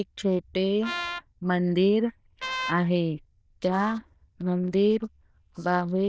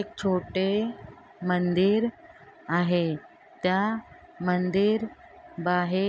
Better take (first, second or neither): second